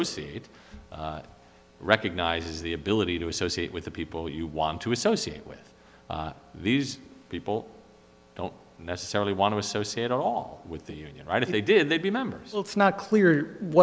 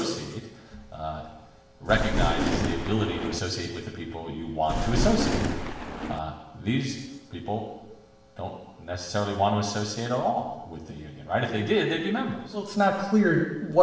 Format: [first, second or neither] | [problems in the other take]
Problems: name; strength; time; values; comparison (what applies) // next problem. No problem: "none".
first | background sound (Thunder); 1 dB above the speech // room echo; dies away in 1 s